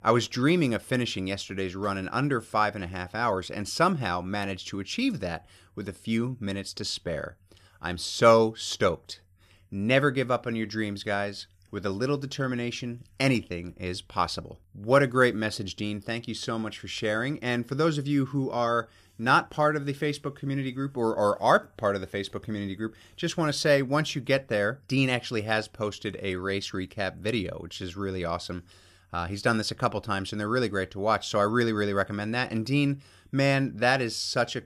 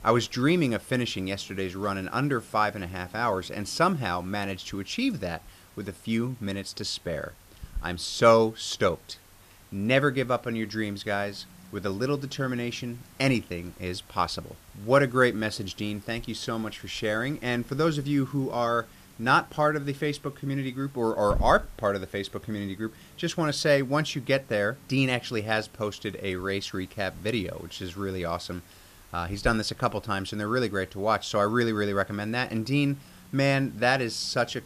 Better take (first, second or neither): first